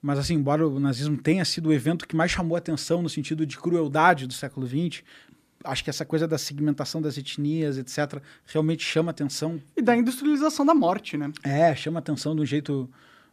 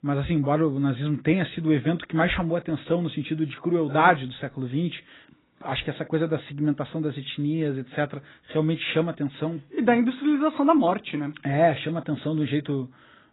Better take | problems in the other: first | garbled, watery; badly; nothing above 4 kHz

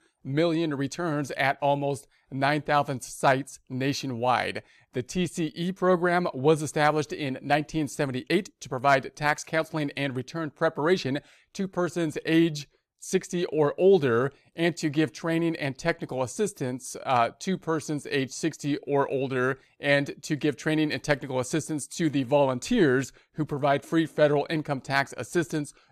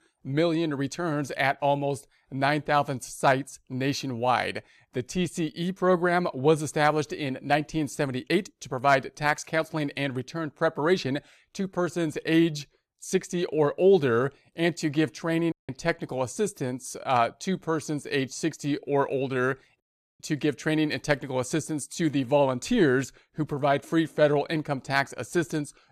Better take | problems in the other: first | audio cutting out; at 16 s and at 20 s

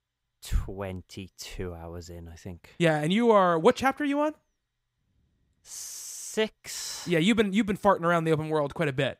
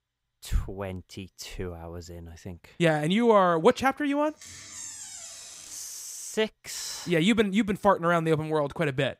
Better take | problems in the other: first | door banging; faint; from 4.5 to 6 s; peak 10 dB below the speech

